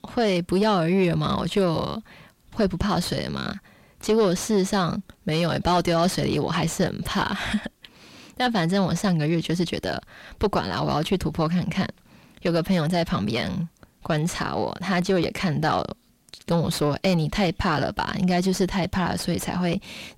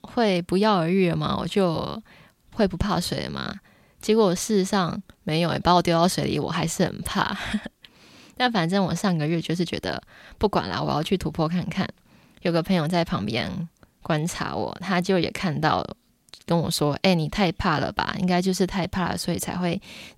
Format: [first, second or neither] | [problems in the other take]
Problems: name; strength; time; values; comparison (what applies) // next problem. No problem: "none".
second | distortion; slight; 10 dB below the speech